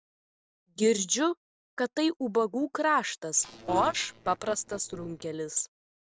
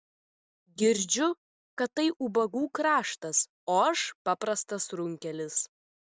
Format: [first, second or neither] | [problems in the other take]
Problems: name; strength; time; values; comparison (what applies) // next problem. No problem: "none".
second | noise reduction (neural separator model SepFormer DNS4)